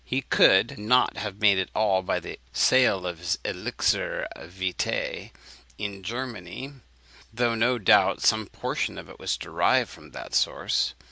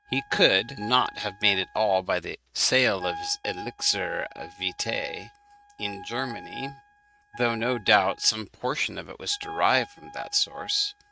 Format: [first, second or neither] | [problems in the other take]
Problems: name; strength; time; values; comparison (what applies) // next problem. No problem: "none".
first | noise reduction (neural mask model RNNoise)